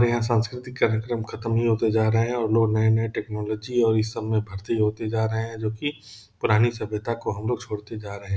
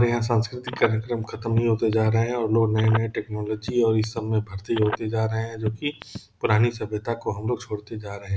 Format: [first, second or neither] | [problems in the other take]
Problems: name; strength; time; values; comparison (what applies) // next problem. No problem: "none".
first | background sound (Telephone); 12 dB below the speech